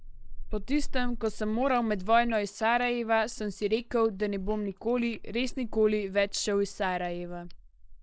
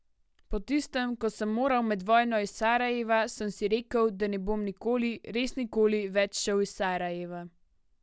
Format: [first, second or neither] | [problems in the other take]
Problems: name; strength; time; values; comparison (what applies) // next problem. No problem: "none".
second | noise reduction (neural mask model Resemble Enhance denoiser)